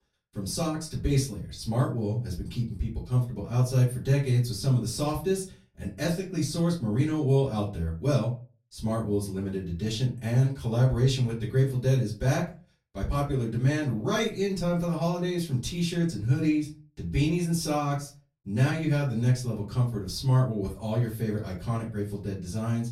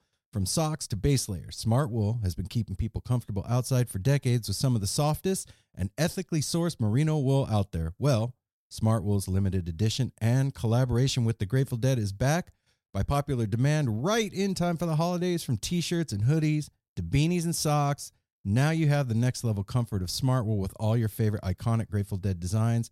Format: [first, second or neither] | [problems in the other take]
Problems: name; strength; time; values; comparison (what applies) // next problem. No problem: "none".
second | off-mic speech; far // room echo; very slight; dies away in 0.3 s